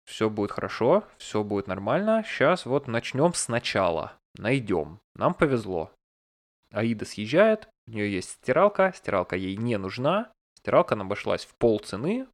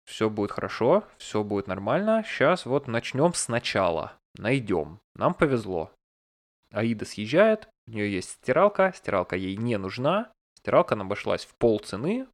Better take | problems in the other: neither | none

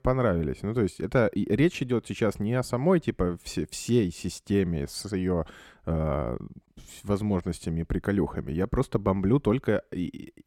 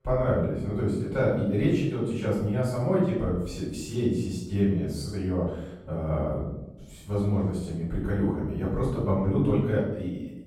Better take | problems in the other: first | off-mic speech; far // room echo; noticeable; dies away in 0.8 s

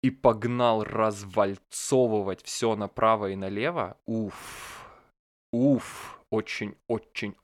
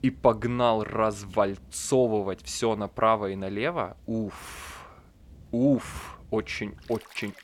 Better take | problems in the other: first | rain or running water; faint; throughout; 25 dB below the speech

